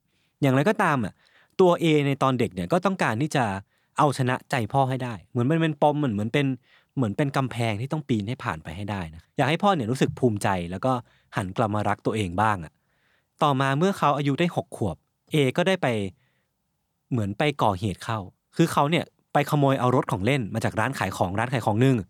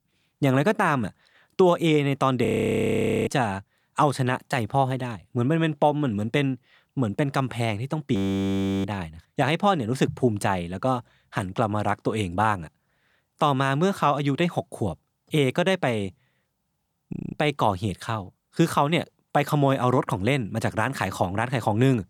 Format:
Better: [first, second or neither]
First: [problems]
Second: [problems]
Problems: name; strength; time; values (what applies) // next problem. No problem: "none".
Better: first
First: none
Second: audio freezing; at 2.5 s for 1 s, at 8 s for 0.5 s and at 17 s